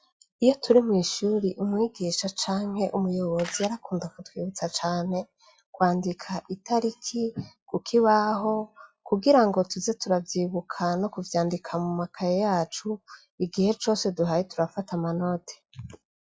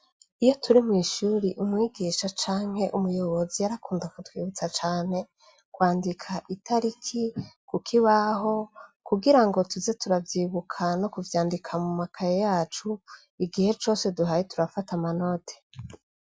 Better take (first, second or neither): second